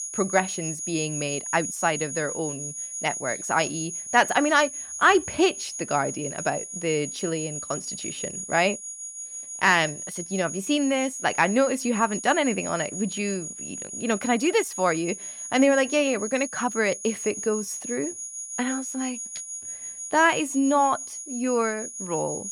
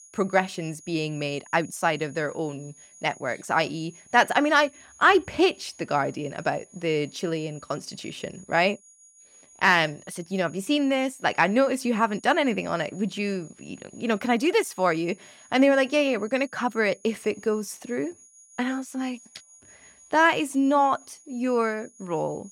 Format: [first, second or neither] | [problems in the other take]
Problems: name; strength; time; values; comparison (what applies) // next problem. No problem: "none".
second | high-pitched whine; loud; throughout; 6.5 kHz, 8 dB below the speech; faint in the second